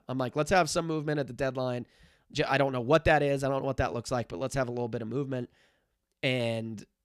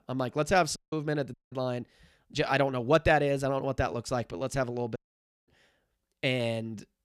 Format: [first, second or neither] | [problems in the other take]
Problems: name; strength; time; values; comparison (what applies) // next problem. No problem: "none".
first | audio cutting out; at 1 s, at 1.5 s and at 5 s for 0.5 s